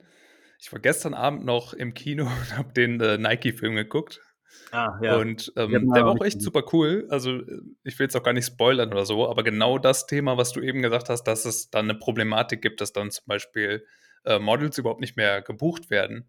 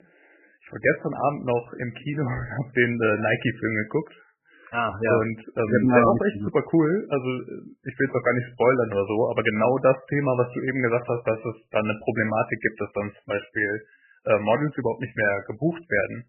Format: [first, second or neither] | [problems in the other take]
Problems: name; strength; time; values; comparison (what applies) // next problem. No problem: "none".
first | garbled, watery; badly; nothing above 3 kHz